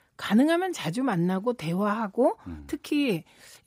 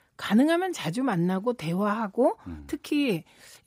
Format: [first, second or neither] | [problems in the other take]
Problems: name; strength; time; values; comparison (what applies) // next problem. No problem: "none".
neither | none